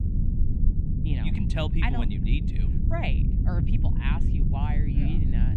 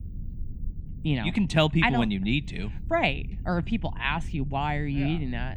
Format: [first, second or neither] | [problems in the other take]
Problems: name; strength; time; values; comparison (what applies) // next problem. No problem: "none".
second | low rumble; loud; throughout; 4 dB below the speech; faint in the second